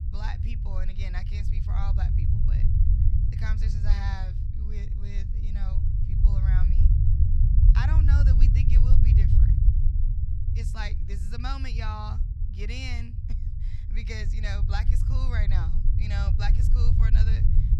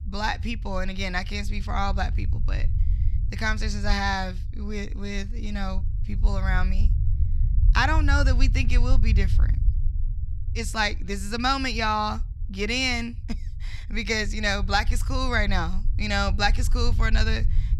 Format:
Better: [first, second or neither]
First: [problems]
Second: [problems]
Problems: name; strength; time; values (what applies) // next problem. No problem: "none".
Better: second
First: low rumble; loud; throughout; 3 dB below the speech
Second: low rumble; faint; throughout; 20 dB below the speech